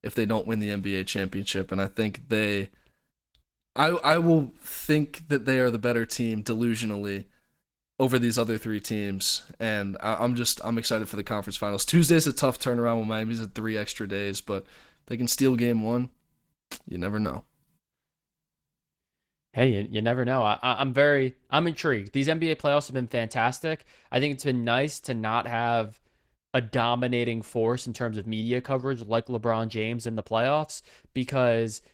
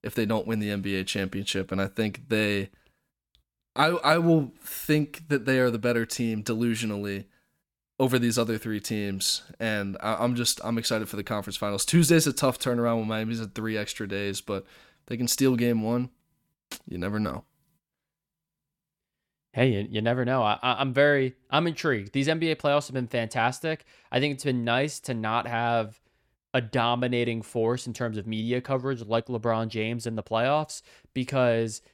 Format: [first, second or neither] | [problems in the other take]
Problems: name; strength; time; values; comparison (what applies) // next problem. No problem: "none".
second | garbled, watery; slightly; nothing above 17 kHz